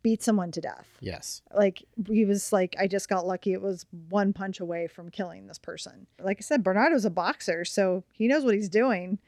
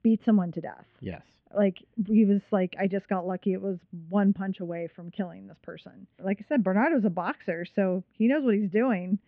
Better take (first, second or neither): first